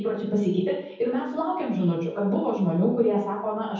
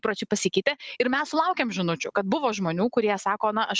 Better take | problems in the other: second | room echo; dies away in 0.9 s

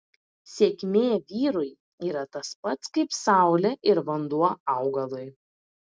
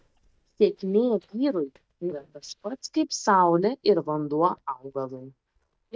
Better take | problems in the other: first | noise reduction (neural mask model DeepFilterNet 3)

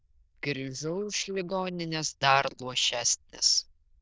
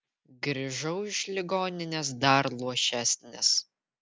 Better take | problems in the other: second | noise reduction (neural diffusion model UNIVERSE++)

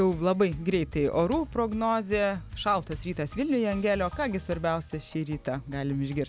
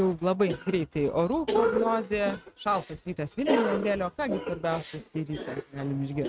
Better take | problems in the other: first | noise reduction (neural mask model RNNoise)

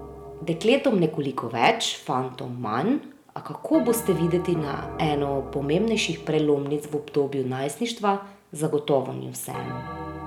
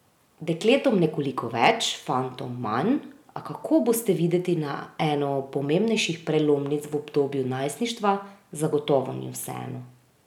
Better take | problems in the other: second | background sound (Bell); 14 dB below the speech

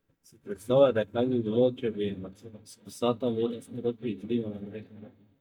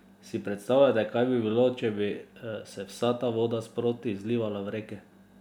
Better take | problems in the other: second | noise reduction (neural mask model DeepFilterNet 3)

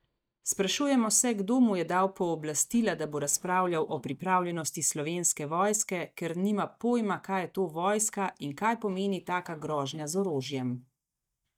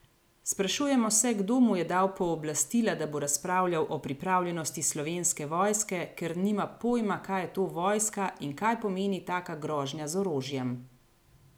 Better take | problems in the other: second | noise reduction (neural mask model DeepFilterNet 3)

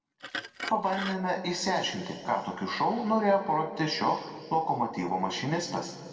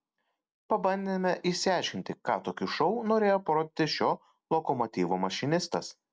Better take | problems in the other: second | background sound (Glass); 12 dB below the speech // room echo; dies away in 2 s

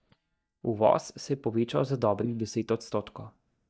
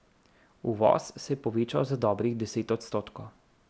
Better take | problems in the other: second | noise reduction (neural mask model DeepFilterNet 3)

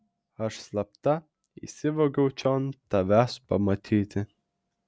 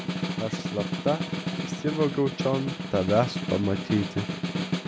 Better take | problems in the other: first | background sound (Snare drum); 2 dB below the speech

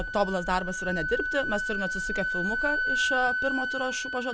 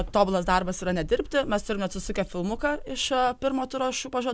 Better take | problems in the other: second | background sound (Wind instrument, woodwind instrument); as loud as the speech

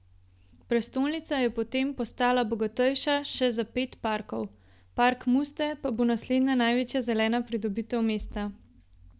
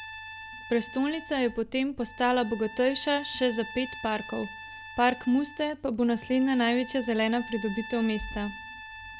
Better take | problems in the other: first | background sound (Trumpet); 14 dB below the speech

